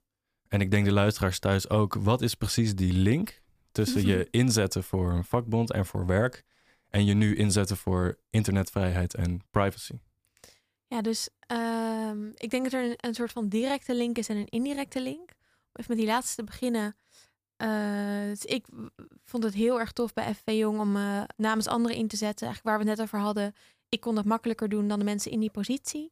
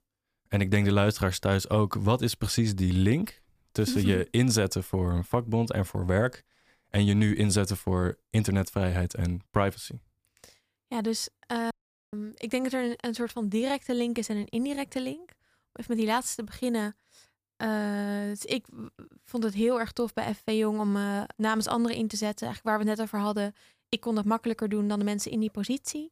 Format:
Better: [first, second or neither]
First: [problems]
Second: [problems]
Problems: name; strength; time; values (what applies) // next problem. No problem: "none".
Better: first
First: none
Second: audio cutting out; at 12 s